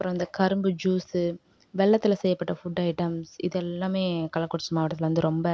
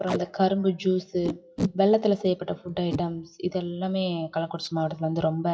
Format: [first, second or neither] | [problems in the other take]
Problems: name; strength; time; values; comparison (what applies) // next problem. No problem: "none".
first | noise reduction (classical method WPE with log-MMSE)